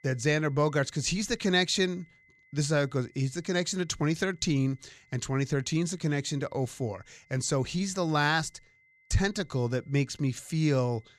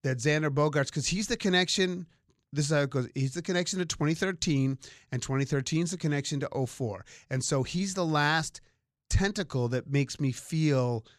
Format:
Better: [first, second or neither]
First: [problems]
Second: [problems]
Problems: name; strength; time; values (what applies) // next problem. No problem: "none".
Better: second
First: high-pitched whine; faint; throughout; 2 kHz, 30 dB below the speech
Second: none